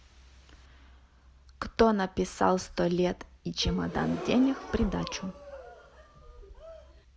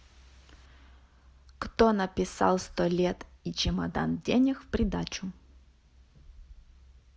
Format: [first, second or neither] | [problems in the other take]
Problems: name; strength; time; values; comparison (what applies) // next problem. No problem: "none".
second | background sound (Gasp); 12 dB below the speech